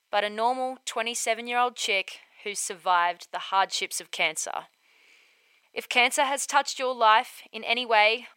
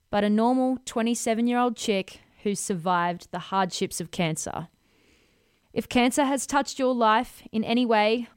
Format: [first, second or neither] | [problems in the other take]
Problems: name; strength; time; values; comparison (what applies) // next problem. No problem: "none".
second | thin; very; fading below 750 Hz